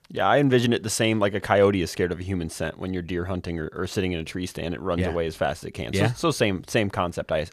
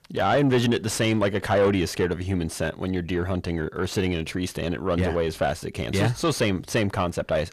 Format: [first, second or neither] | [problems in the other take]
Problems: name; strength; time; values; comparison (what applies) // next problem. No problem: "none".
first | distortion; slight; 10 dB below the speech